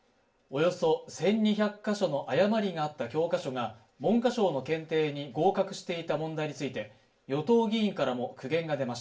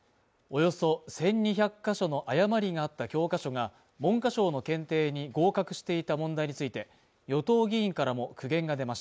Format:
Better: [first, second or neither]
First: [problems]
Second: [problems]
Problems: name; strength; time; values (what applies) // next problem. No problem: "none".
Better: second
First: room echo; dies away in 0.3 s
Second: none